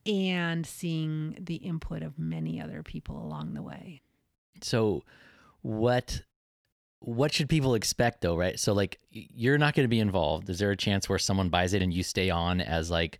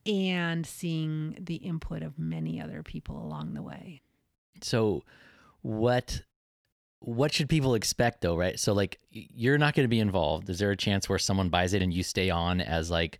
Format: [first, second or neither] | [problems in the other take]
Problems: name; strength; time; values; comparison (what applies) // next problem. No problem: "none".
neither | none